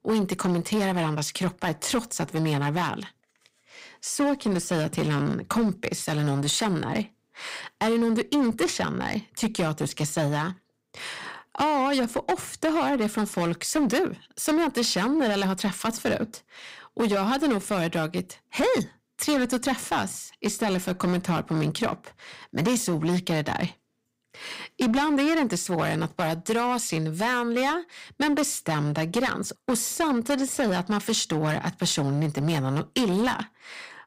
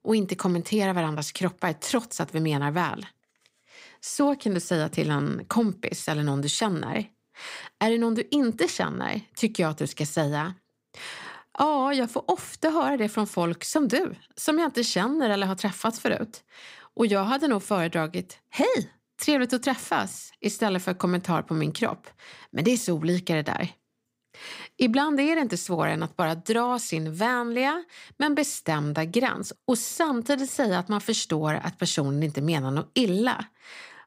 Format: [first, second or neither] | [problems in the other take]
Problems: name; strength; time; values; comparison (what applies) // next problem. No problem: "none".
second | distortion; slight; 11% of the sound clipped